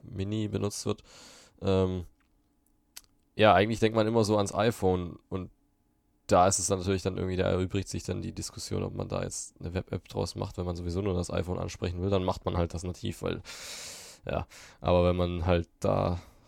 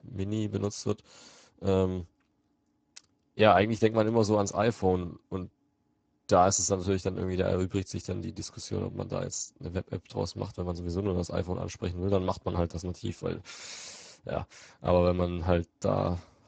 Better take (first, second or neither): first